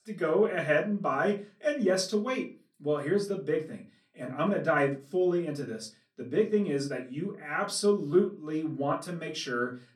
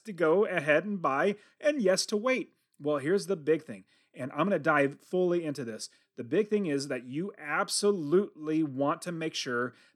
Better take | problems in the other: second | off-mic speech; far // room echo; very slight; dies away in 0.3 s

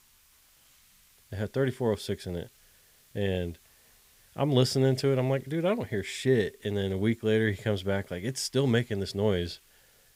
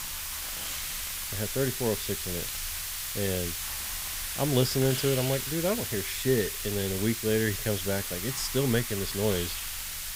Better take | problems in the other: first | hiss; loud; throughout; 2 dB below the speech; faint in the first

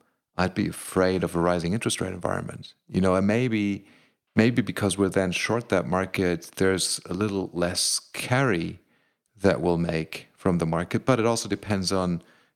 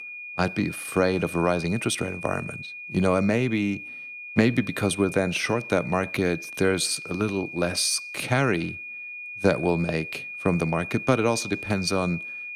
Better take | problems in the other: first | high-pitched whine; loud; throughout; 2.5 kHz, 10 dB below the speech

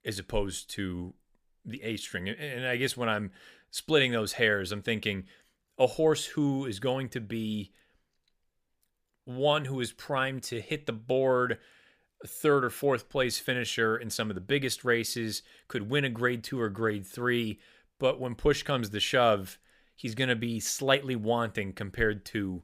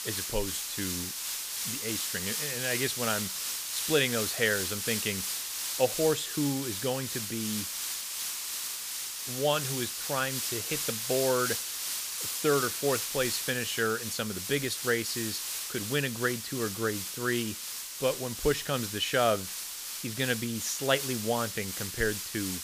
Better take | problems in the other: first | hiss; loud; throughout; 2 dB below the speech

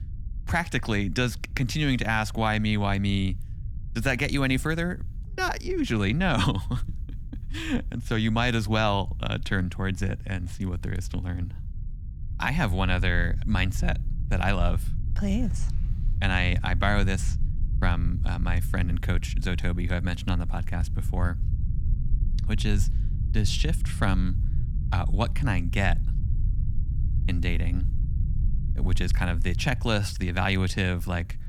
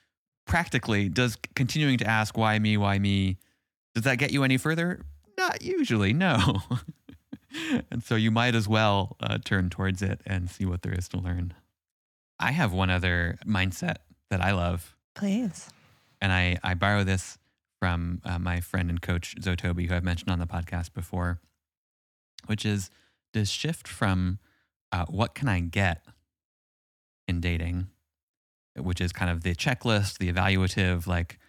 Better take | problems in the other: second | low rumble; noticeable; throughout; 20 dB below the speech

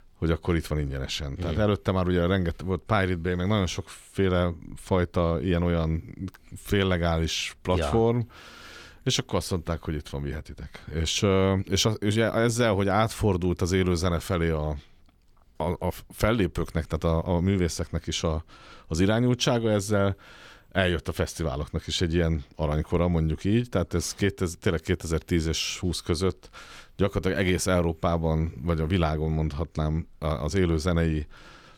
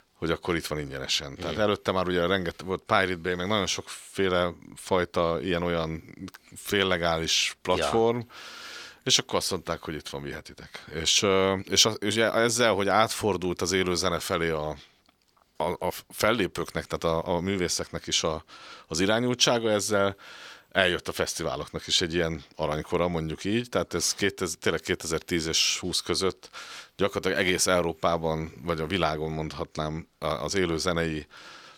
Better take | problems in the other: first | thin; somewhat; fading below 500 Hz

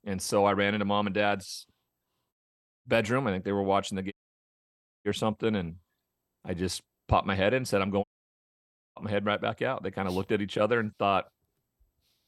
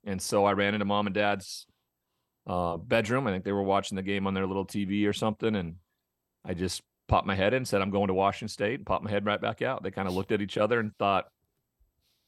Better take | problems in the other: second | audio cutting out; at 2.5 s for 0.5 s, at 4 s for 1 s and at 8 s for 1 s

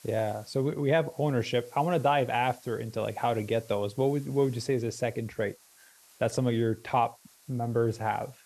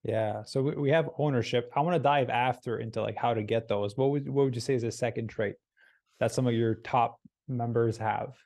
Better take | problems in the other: second | hiss; faint; throughout; 25 dB below the speech

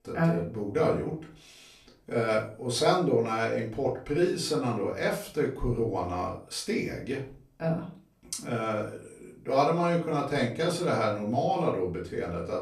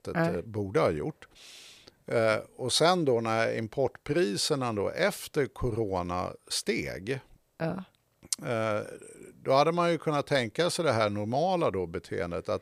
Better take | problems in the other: second | off-mic speech; far // room echo; slight; dies away in 0.3 s

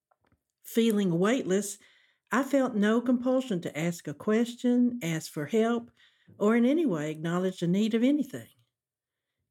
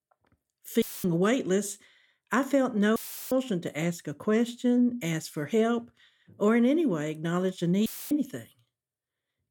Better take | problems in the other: first | audio cutting out; filled with static; at 1 s, at 3 s and at 8 s

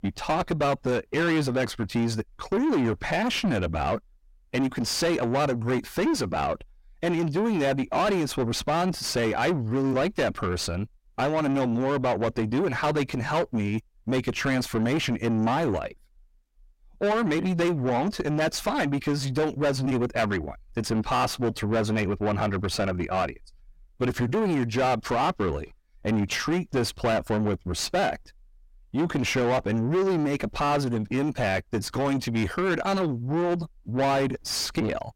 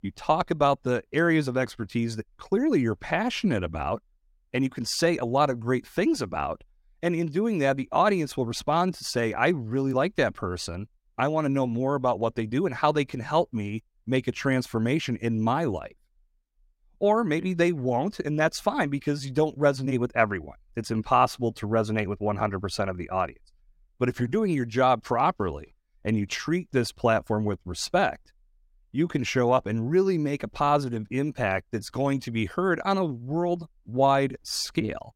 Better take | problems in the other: second | distortion; heavy; 5 dB below the speech

